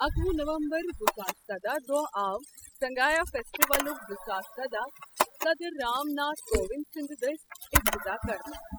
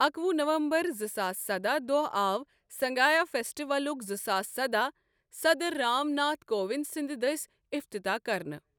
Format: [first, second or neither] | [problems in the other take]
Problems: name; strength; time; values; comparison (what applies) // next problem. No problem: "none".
second | noise reduction (classical method spectral subtraction)